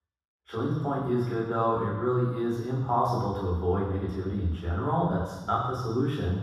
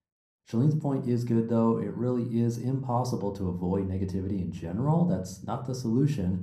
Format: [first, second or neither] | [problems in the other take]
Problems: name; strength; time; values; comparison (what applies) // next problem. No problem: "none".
second | room echo; strong; dies away in 1.2 s; slight in the second // off-mic speech; far; somewhat distant in the second